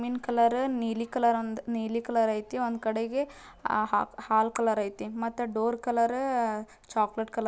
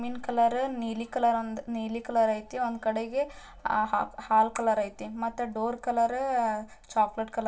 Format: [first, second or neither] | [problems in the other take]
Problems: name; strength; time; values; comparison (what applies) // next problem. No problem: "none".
first | room echo; dies away in 0.2 s